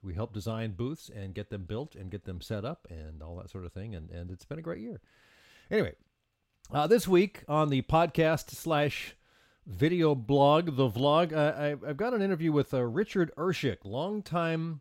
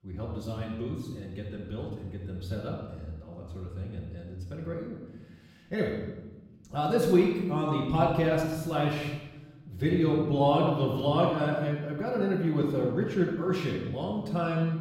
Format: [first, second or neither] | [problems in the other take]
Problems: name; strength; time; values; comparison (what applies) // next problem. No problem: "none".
first | off-mic speech; far // room echo; noticeable; dies away in 1.1 s